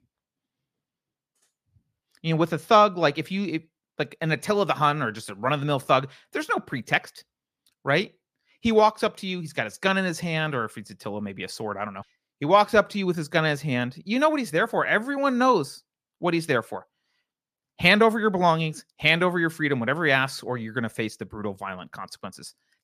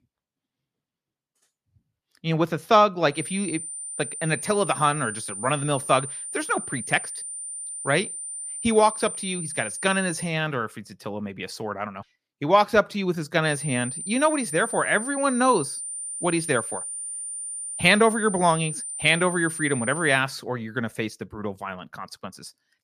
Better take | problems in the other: first | high-pitched whine; loud; from 3 to 10 s and from 13 to 20 s; 9 kHz, 7 dB below the speech

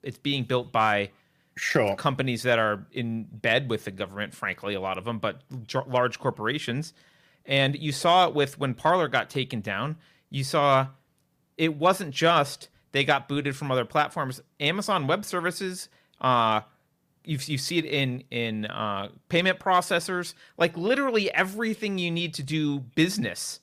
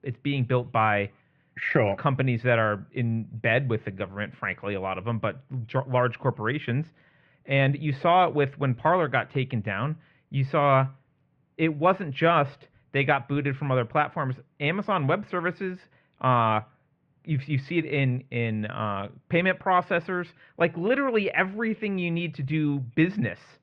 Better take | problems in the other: first | muffled; very; fading above 2.5 kHz

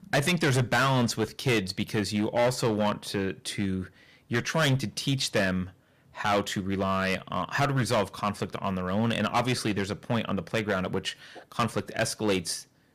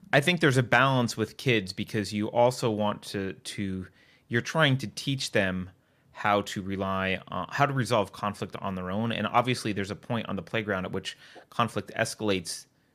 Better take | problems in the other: second | distortion; heavy; 7% of the sound clipped

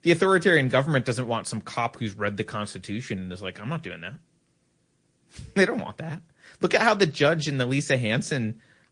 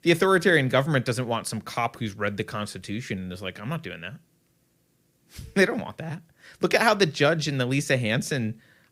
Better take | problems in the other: second | garbled, watery; slightly; nothing above 9 kHz

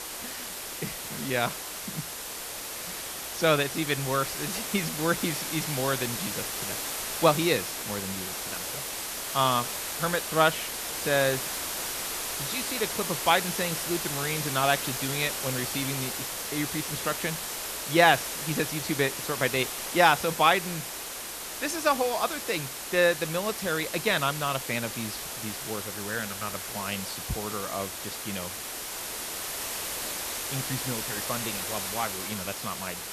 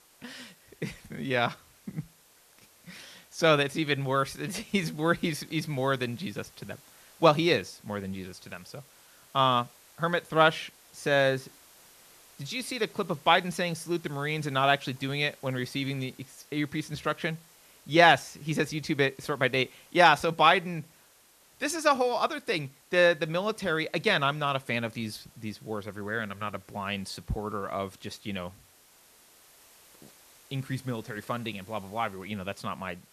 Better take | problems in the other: second | hiss; loud; throughout; 4 dB below the speech; faint in the second

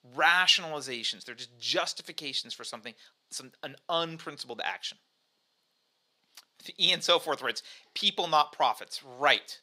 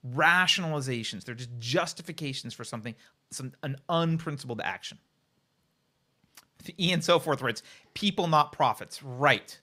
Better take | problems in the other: second | thin; somewhat; fading below 350 Hz

